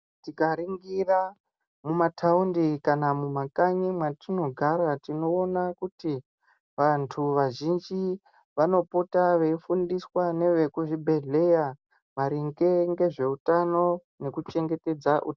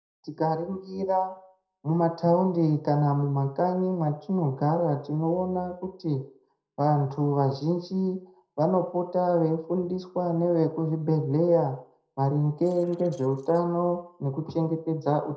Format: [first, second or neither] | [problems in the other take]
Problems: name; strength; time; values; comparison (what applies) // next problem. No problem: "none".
first | noise reduction (neural separator model SepFormer DNS4)